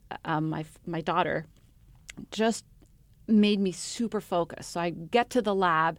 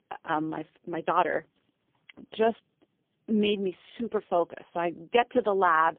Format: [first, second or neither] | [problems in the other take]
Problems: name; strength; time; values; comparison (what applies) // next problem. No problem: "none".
first | phone-call audio; poor line; nothing above 3.5 kHz